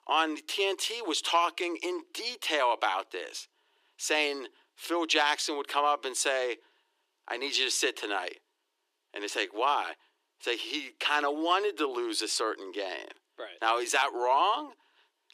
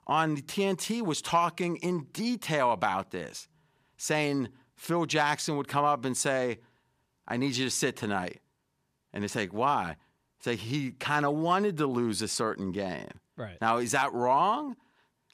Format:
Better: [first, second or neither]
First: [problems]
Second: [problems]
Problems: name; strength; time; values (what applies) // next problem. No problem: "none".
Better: second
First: thin; very; fading below 300 Hz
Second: none